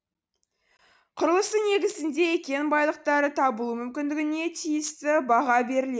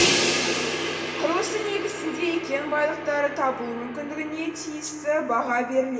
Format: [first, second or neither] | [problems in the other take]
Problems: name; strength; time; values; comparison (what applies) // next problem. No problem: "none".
first | background sound (Crash cymbal); 2 dB below the speech // room echo; dies away in 1 s